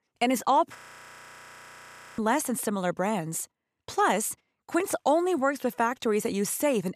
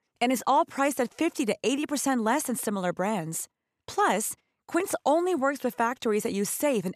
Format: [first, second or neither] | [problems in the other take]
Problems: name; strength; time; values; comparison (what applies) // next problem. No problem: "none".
second | audio freezing; at 1 s for 1.5 s